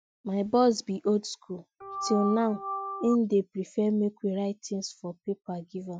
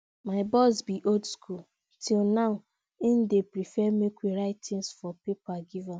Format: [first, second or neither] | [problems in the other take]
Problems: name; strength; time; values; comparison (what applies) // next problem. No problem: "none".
second | noise reduction (classical method Wiener filter)